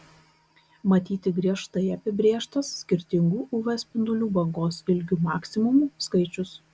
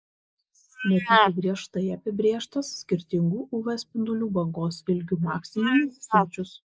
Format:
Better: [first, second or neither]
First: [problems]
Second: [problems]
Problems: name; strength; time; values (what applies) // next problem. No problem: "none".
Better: first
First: none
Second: noise reduction (neural mask model Resemble Enhance denoiser)